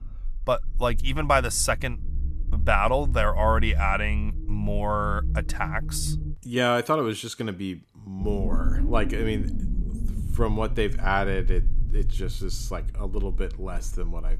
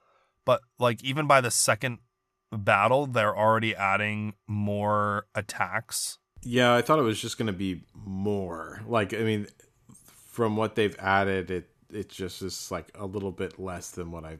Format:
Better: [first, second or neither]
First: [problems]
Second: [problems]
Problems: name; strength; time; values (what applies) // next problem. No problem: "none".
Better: second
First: low rumble; noticeable; until 6.5 s and from 8 s on; 20 dB below the speech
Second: none